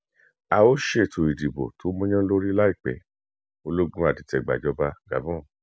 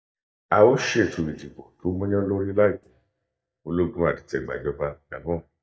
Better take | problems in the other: first | noise reduction (neural mask model DeepFilterNet 3)

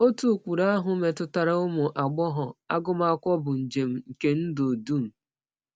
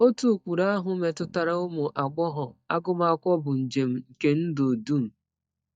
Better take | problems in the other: first | noise reduction (neural mask model DeepFilterNet 3)

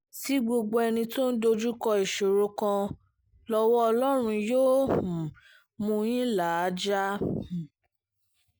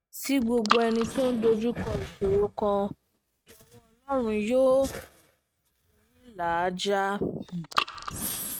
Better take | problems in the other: first | noise reduction (neural mask model RNNoise)

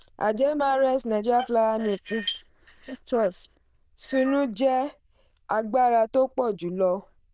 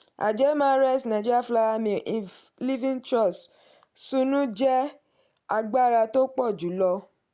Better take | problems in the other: second | noise reduction (neural diffusion model UNIVERSE++)

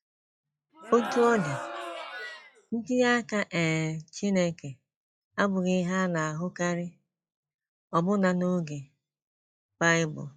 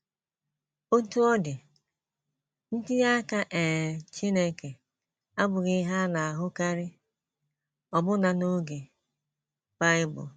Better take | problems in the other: second | noise reduction (classical method log-MMSE)

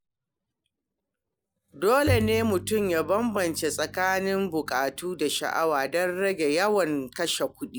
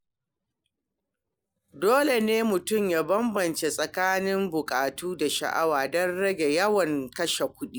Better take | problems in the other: second | background sound (Bowed string instrument); 8 dB below the speech

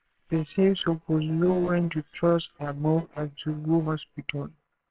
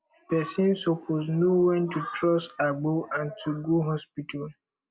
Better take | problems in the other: second | noise reduction (neural separator model SepFormer WHAMR!)

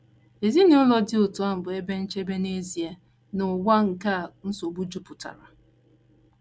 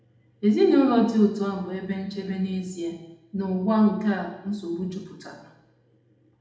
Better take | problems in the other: first | room echo; dies away in 0.8 s

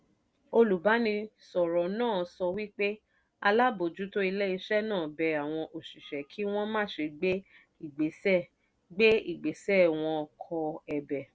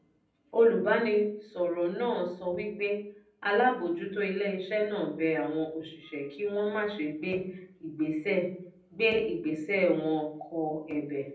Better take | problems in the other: first | room echo; dies away in 0.6 s

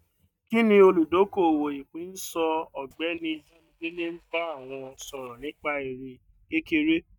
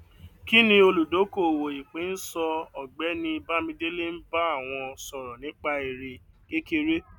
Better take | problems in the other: second | noise reduction (neural mask model DeepFilterNet 3)

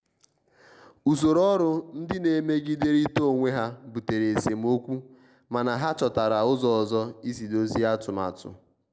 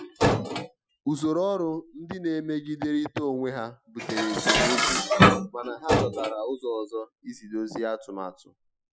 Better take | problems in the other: first | noise reduction (classical method Wiener filter)

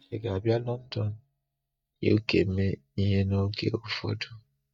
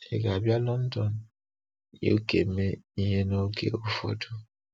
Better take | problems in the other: second | noise reduction (neural mask model DeepFilterNet 3)

